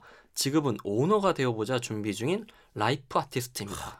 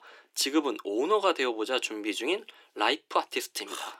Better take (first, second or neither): first